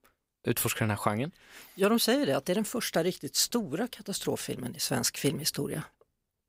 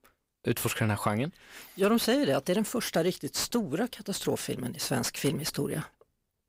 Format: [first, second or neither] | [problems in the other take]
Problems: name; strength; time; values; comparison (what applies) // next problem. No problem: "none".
first | distortion; slight; 10 dB below the speech